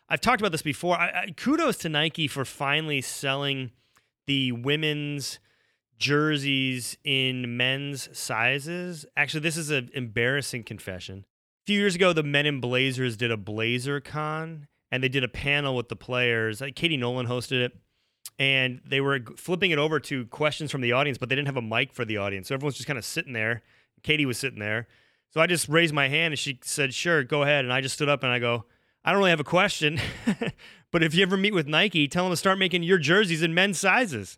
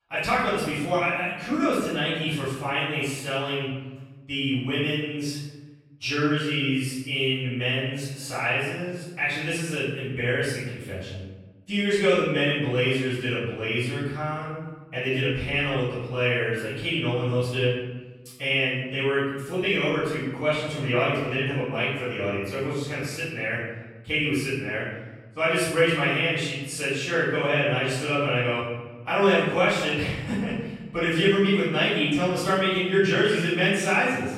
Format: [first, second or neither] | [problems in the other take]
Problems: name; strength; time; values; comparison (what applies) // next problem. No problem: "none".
first | off-mic speech; far // room echo; strong; dies away in 1.1 s